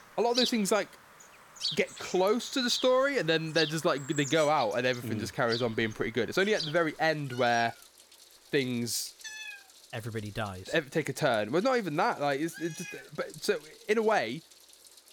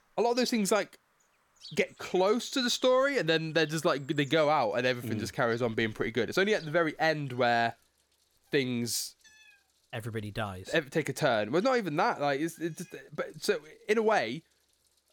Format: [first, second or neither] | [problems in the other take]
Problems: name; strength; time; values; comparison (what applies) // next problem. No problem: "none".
second | animal sounds; loud; throughout; 9 dB below the speech; faint in the second